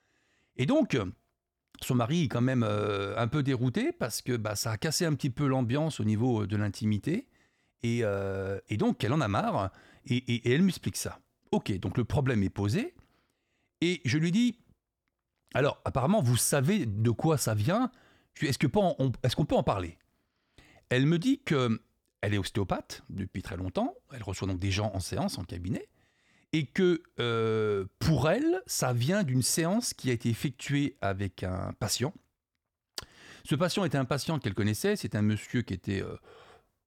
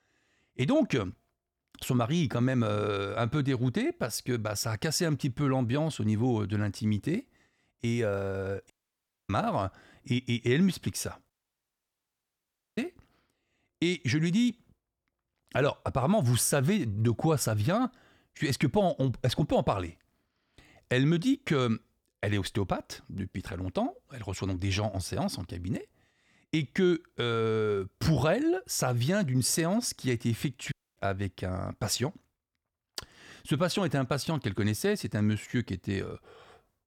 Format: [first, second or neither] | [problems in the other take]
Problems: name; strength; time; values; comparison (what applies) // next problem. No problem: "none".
first | audio cutting out; at 8.5 s for 0.5 s, at 11 s for 1.5 s and at 31 s